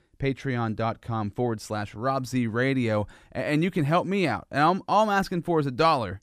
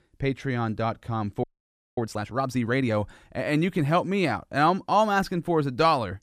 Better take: first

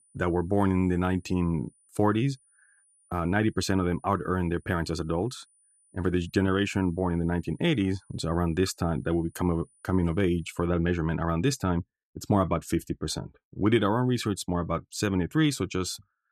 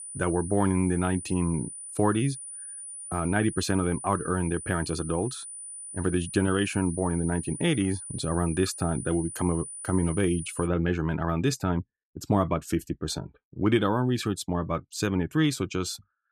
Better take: first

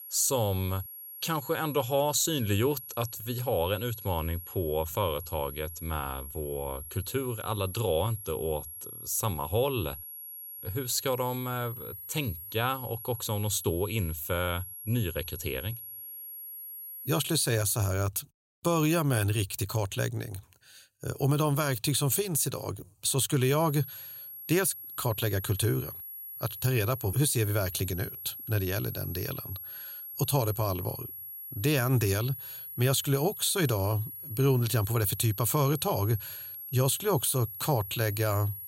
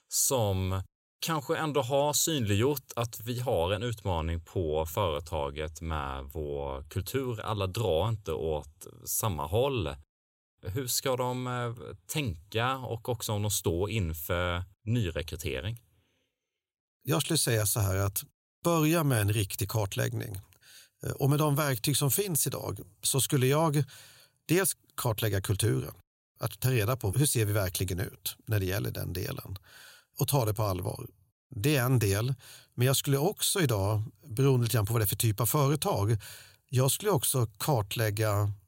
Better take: second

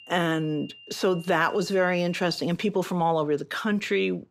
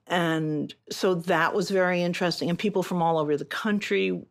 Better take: second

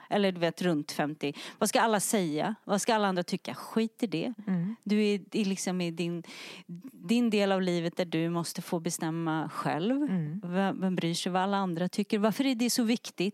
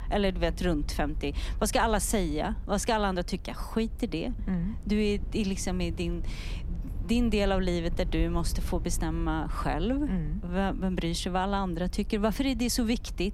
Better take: first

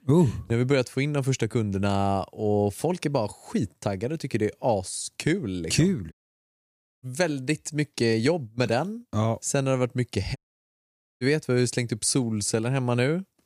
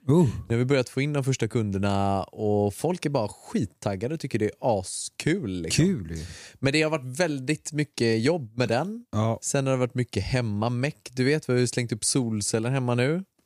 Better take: second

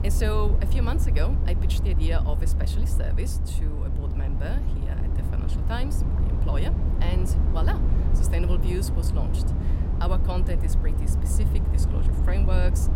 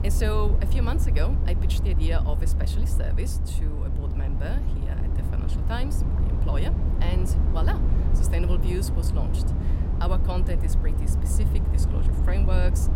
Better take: neither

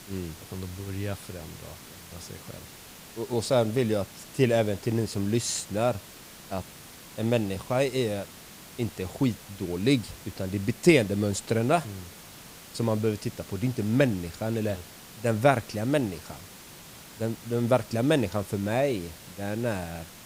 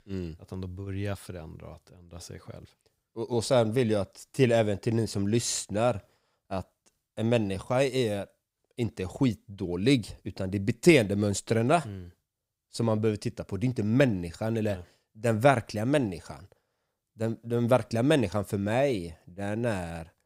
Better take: second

